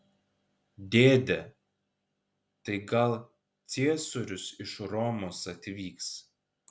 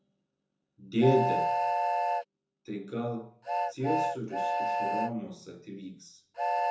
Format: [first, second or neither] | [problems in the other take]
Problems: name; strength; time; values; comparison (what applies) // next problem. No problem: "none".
first | background sound (Train); 2 dB above the speech // room echo; dies away in 0.5 s